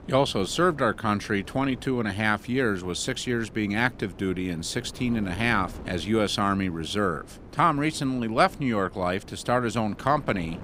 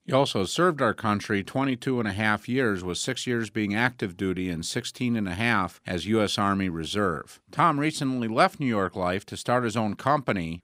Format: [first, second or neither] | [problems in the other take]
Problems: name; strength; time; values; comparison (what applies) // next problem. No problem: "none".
second | wind noise on the microphone; occasional gusts; 20 dB below the speech